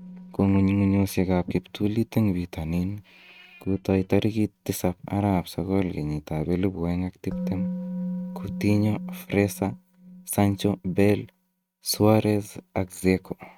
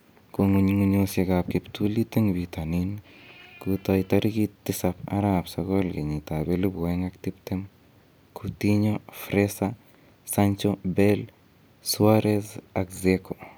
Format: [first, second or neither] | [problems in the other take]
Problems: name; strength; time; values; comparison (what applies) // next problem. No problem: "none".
second | noise reduction (neural mask model RNNoise)